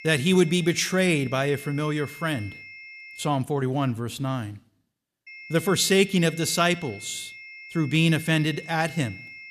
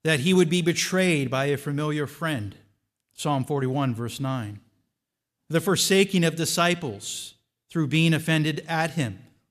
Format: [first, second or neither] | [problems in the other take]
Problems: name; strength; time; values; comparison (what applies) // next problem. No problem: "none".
second | high-pitched whine; noticeable; until 3.5 s and from 5.5 s on; 2 kHz, 15 dB below the speech